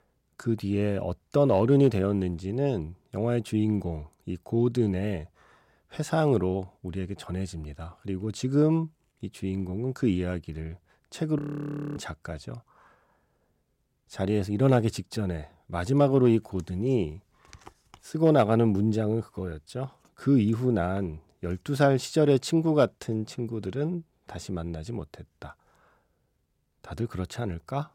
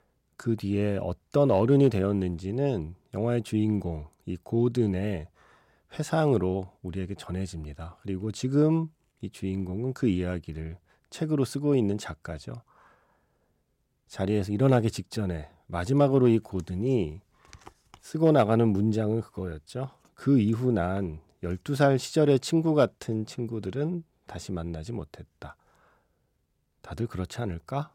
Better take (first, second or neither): second